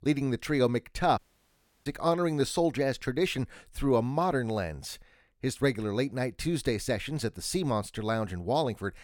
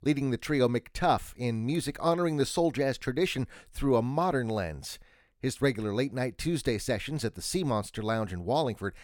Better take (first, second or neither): second